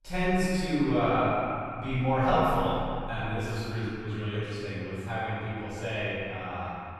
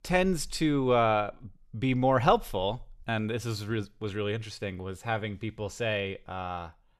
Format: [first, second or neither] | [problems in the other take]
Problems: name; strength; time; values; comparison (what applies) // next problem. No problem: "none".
second | room echo; strong; dies away in 2.6 s // off-mic speech; far